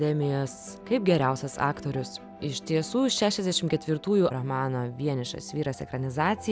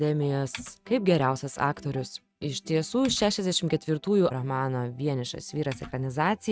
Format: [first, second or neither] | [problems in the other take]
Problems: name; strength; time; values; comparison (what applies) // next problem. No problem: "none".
first | noise reduction (neural mask model RNNoise)